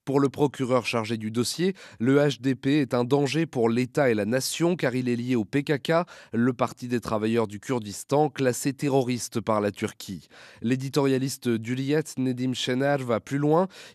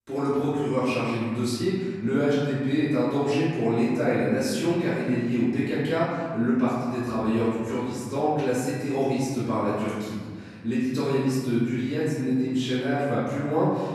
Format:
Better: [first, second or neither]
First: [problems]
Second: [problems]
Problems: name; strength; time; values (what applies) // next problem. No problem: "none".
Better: first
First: none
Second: off-mic speech; far // room echo; strong; dies away in 1.8 s